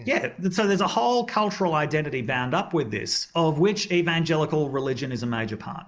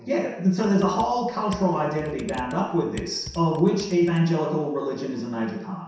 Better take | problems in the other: first | background sound (Computer keyboard); 19 dB below the speech // room echo; dies away in 0.7 s

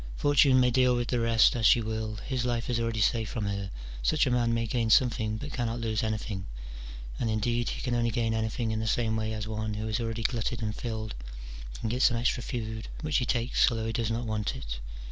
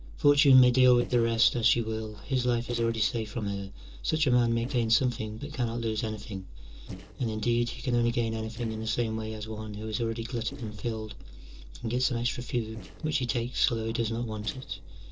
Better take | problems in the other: first | noise reduction (neural separator model SepFormer DNS4)

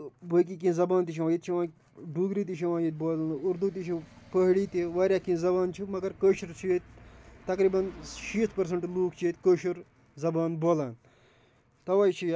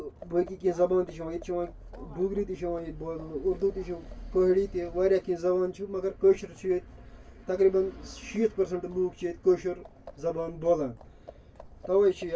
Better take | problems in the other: first | background sound (Livestock, farm animals, working animals); 18 dB below the speech // room echo; dies away in 0.1 s

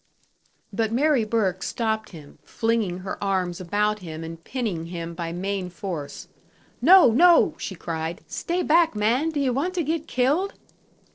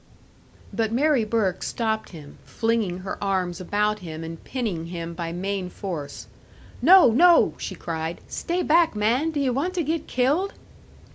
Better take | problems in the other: second | noise reduction (neural separator model SepFormer DNS4)

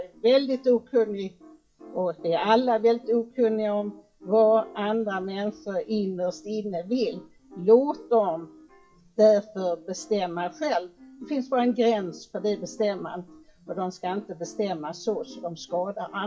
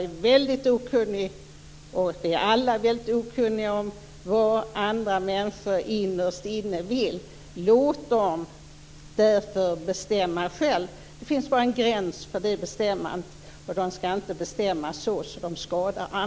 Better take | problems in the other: second | noise reduction (classical method WPE with log-MMSE)

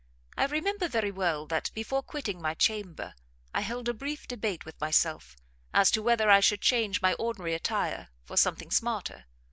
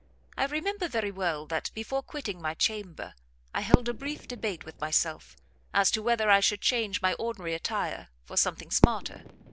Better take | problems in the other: first | background sound (Fireworks); 4 dB below the speech

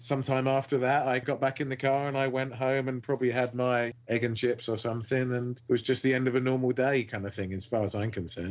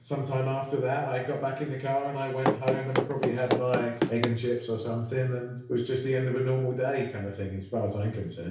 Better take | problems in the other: first | background sound (Run); as loud as the speech // room echo; dies away in 0.6 s

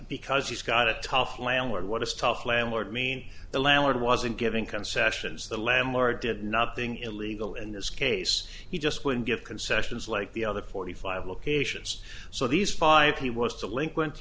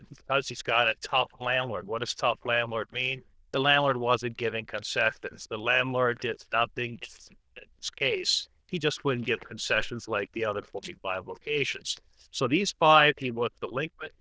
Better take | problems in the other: first | noise reduction (neural diffusion model UNIVERSE++)

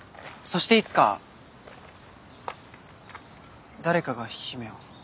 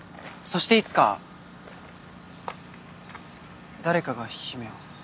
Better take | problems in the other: first | background sound (Engine); 19 dB below the speech

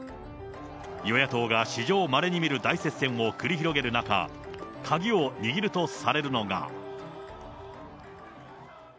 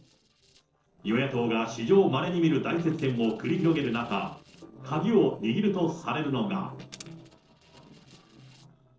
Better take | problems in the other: first | noise reduction (neural separator model SepFormer DNS4)

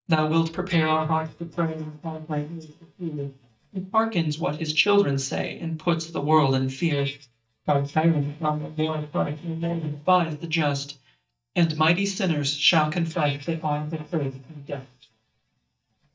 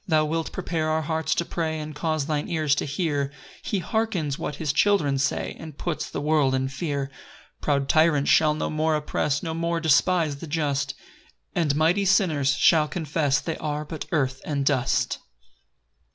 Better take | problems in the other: second | noise reduction (neural mask model DeepFilterNet 3)

